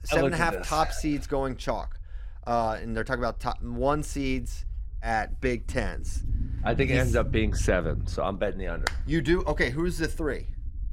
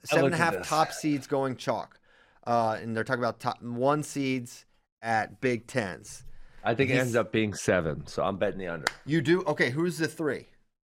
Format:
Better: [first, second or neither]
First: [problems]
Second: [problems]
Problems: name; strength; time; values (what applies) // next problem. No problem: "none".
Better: second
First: low rumble; faint; throughout; 25 dB below the speech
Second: none